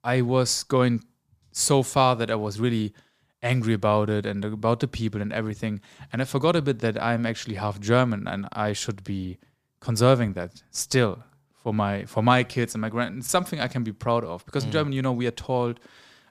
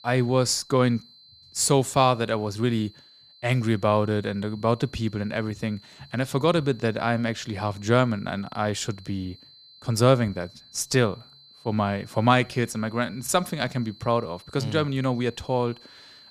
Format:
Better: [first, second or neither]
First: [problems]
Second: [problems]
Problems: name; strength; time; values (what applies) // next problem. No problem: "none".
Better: first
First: none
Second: high-pitched whine; faint; throughout; 4 kHz, 25 dB below the speech